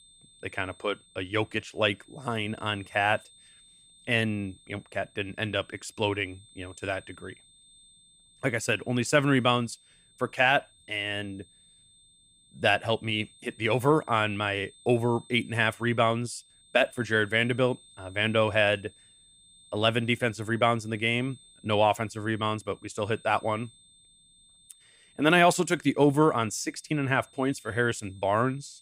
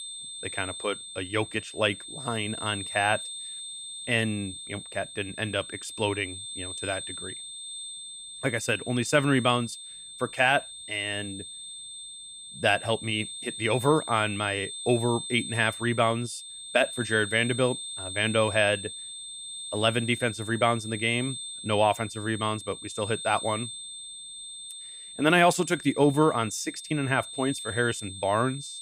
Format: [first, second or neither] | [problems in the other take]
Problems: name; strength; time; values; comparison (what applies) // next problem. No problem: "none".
first | high-pitched whine; loud; throughout; 3.5 kHz, 9 dB below the speech; faint in the first